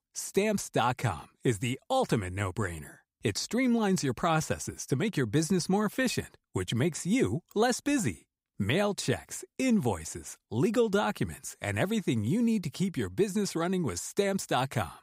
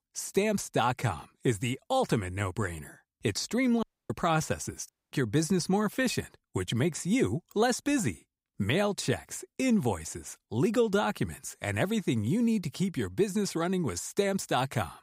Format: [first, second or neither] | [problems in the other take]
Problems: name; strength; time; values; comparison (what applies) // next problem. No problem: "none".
first | audio cutting out; at 4 s and at 5 s